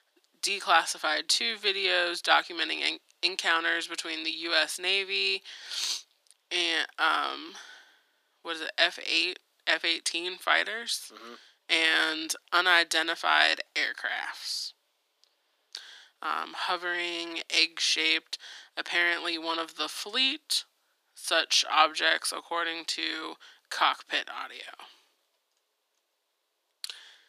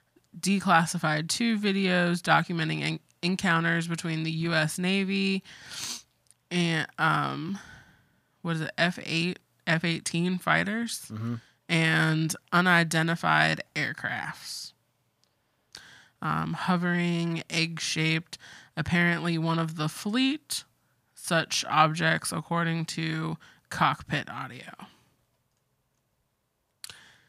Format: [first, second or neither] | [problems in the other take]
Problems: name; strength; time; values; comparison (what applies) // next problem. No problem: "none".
second | thin; very; fading below 350 Hz